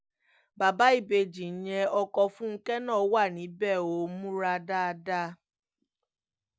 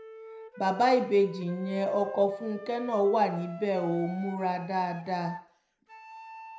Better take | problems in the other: first | background sound (Wind instrument, woodwind instrument); 16 dB below the speech // room echo; dies away in 0.4 s

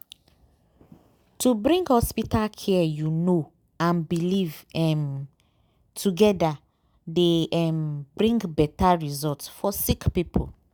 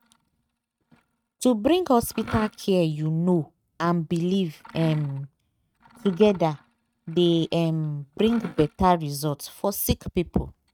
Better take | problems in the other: first | noise reduction (neural mask model RNNoise)

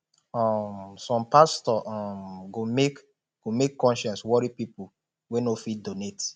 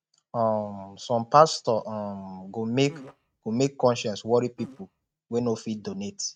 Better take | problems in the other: first | noise reduction (neural mask model RNNoise)

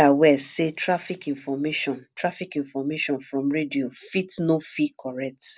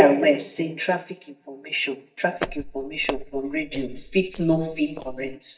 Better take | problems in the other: first | noise reduction (neural mask model DeepFilterNet 3)

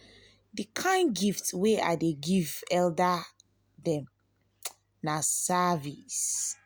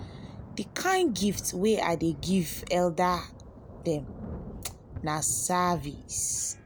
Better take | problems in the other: first | background sound (Thunder / Rain); 14 dB below the speech

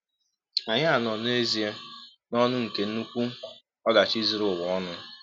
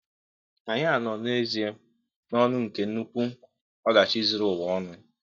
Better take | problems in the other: first | noise reduction (neural mask model DeepFilterNet 3)

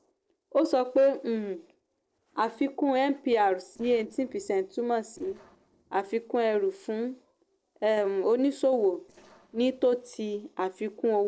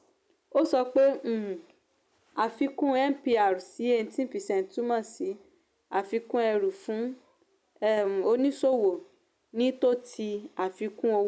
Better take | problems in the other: second | noise reduction (neural separator model SepFormer DNS4)

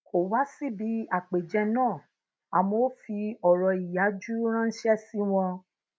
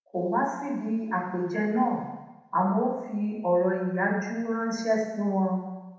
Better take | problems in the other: first | room echo; dies away in 1 s

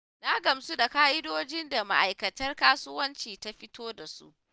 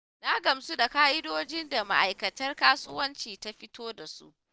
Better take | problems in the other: first | noise reduction (neural separator model SepFormer DNS4)

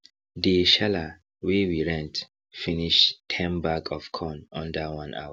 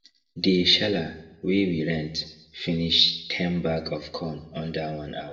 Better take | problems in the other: first | room echo; dies away in 0.7 s

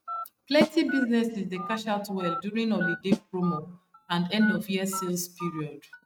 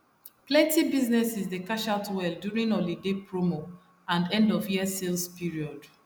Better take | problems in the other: second | noise reduction (neural mask model RNNoise)

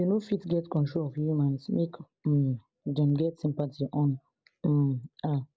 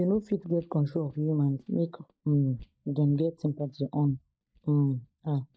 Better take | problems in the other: first | noise reduction (neural mask model DeepFilterNet 3)

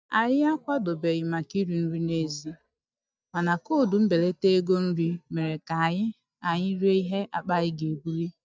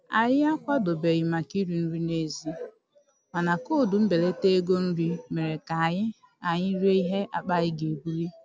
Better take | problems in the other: second | noise reduction (neural mask model DeepFilterNet 3)

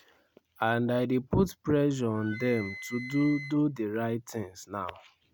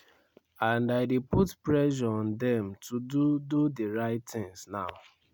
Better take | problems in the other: second | background sound (Wind instrument, woodwind instrument); 15 dB below the speech

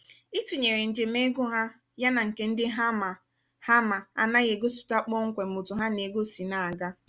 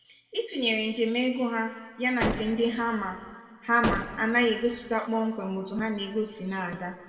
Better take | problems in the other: first | background sound (Gunshot, gunfire); 6 dB below the speech // room echo; dies away in 1.9 s

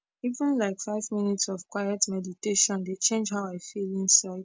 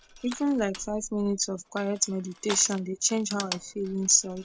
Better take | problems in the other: first | background sound (Crushing); 14 dB below the speech

